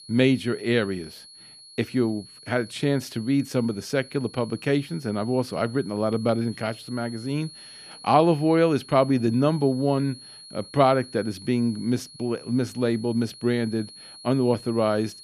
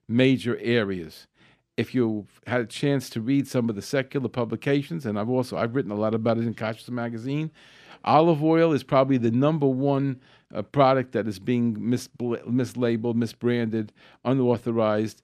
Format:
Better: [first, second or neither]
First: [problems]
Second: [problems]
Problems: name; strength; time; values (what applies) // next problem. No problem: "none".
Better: second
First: high-pitched whine; noticeable; throughout; 4.5 kHz, 20 dB below the speech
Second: none